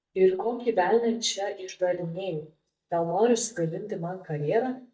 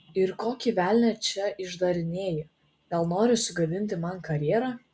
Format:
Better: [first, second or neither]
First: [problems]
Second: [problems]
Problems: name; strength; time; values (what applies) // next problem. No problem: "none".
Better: second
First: noise reduction (neural mask model DeepFilterNet 3)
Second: none